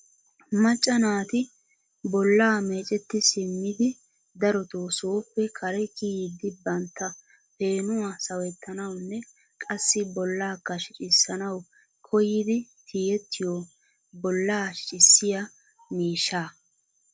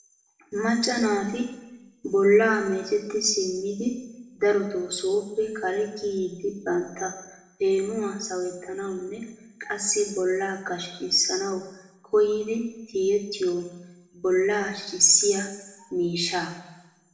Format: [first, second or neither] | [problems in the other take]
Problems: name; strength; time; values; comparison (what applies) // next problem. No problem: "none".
first | room echo; dies away in 1 s